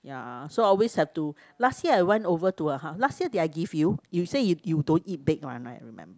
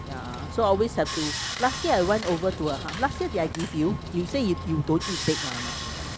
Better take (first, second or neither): first